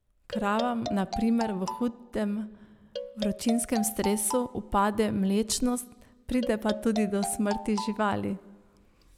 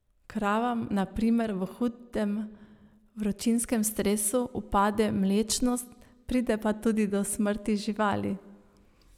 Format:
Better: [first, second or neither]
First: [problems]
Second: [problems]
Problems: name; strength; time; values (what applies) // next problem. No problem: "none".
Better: second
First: background sound (Marimba, xylophone); 9 dB below the speech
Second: none